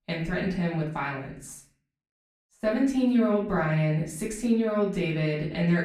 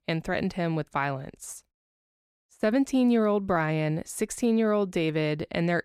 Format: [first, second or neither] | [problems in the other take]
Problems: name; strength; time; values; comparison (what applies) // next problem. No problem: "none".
second | room echo; slight; dies away in 0.5 s // off-mic speech; far